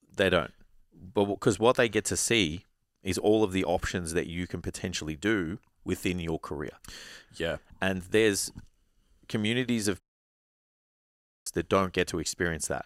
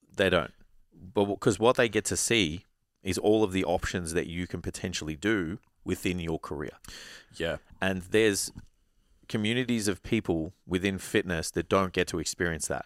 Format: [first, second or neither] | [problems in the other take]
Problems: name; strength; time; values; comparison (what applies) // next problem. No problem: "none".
second | audio cutting out; at 10 s for 1.5 s